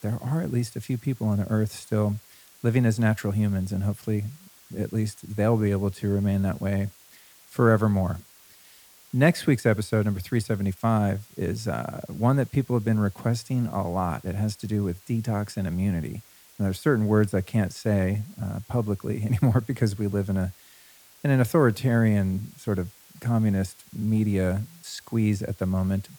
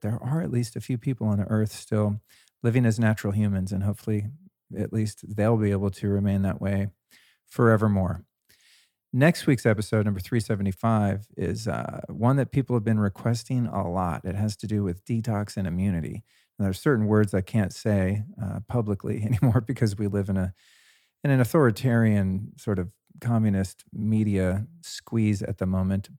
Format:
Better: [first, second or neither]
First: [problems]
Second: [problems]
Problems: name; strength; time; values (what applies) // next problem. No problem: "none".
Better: second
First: hiss; faint; throughout; 25 dB below the speech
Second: none